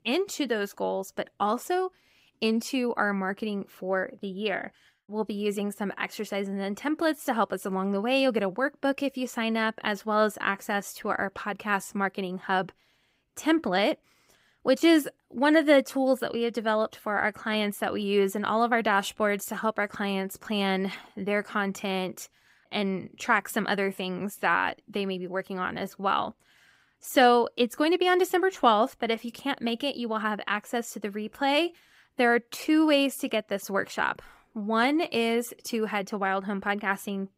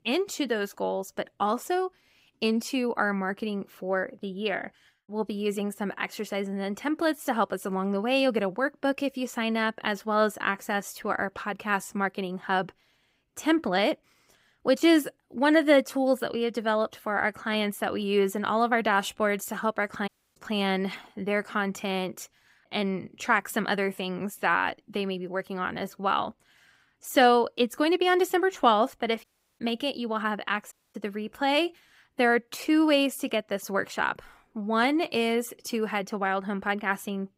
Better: first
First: none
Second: audio cutting out; at 20 s, at 29 s and at 31 s

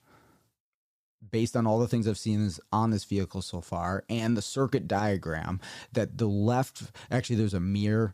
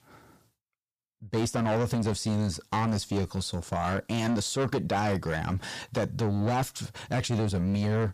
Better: first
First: none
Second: distortion; heavy; 7 dB below the speech

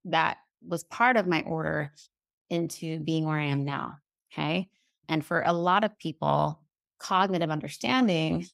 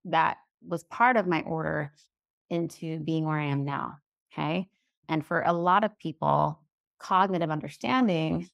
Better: first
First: none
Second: muffled; slightly; fading above 3 kHz

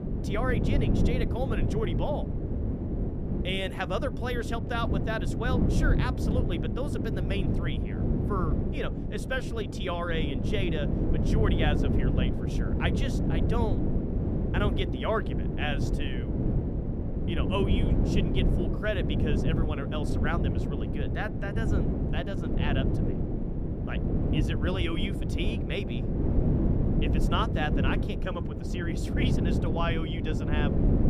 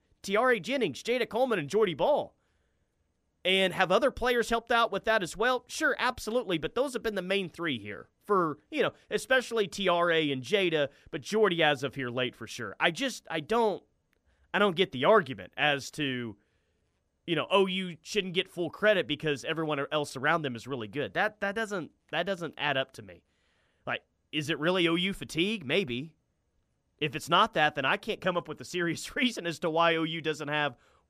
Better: second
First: wind noise on the microphone; heavy; 2 dB below the speech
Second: none

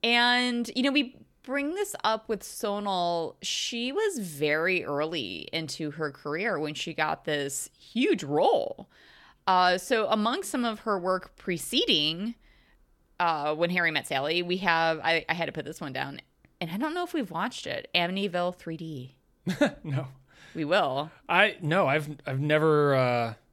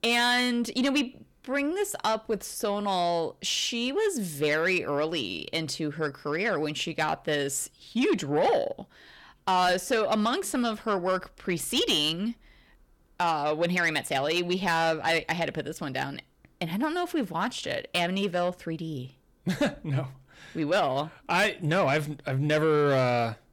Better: first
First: none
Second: distortion; slight; 10 dB below the speech

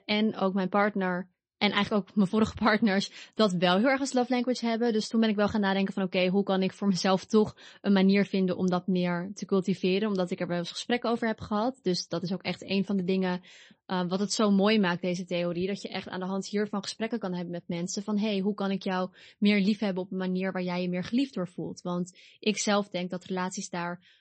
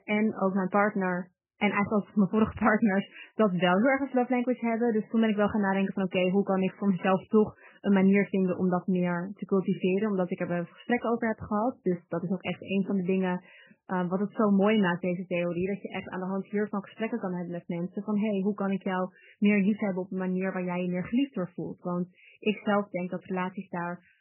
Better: first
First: garbled, watery; slightly; nothing above 8 kHz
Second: garbled, watery; badly; nothing above 3 kHz

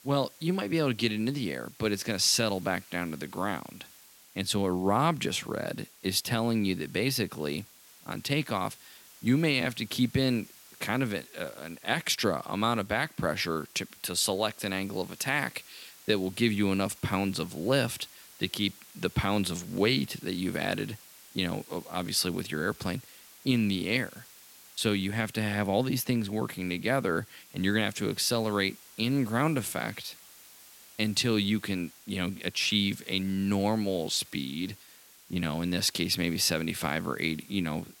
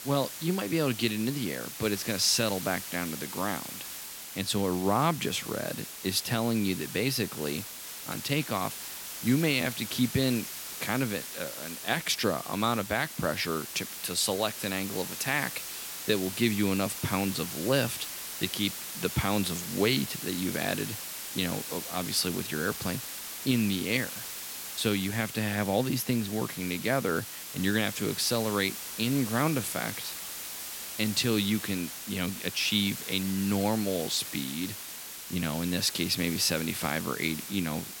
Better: first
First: hiss; faint; throughout; 20 dB below the speech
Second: hiss; loud; throughout; 7 dB below the speech

